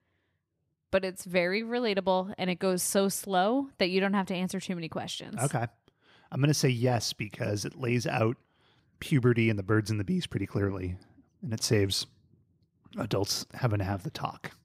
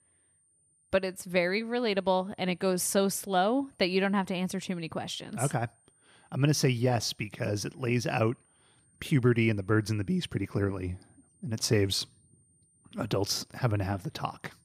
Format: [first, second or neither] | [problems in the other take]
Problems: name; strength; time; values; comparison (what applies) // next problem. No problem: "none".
first | high-pitched whine; faint; throughout; 9 kHz, 35 dB below the speech